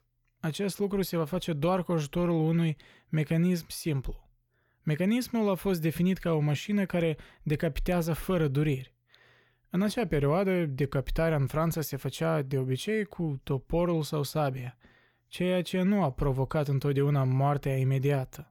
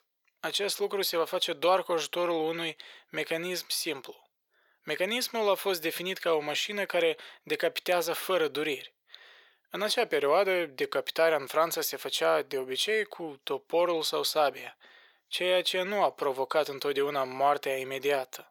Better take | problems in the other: first | thin; very; fading below 450 Hz

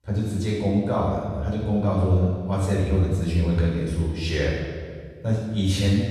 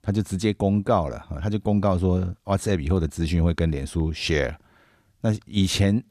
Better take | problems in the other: second | off-mic speech; far // room echo; strong; dies away in 1.6 s

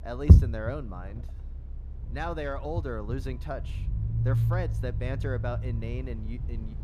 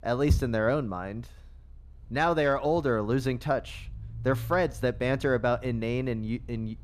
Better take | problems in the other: second | low rumble; loud; throughout; 4 dB below the speech; faint in the second

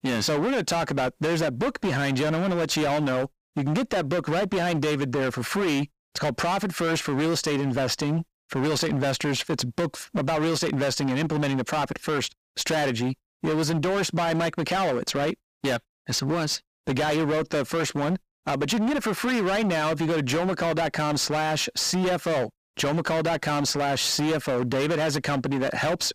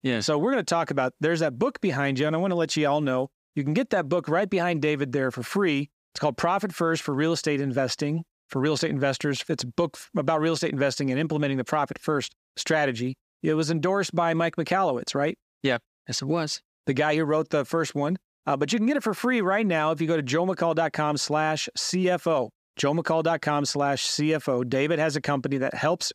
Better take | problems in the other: second | distortion; heavy; 30% of the sound clipped

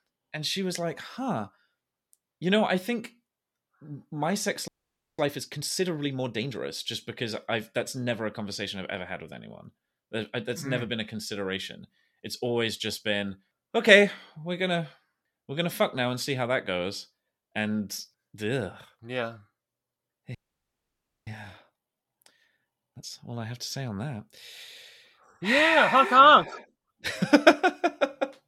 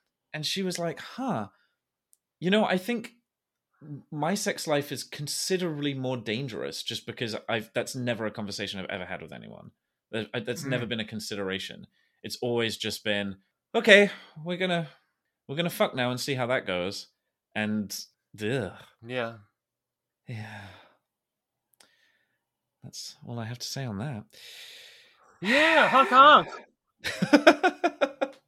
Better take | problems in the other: second | audio freezing; at 4.5 s for 0.5 s and at 20 s for 1 s

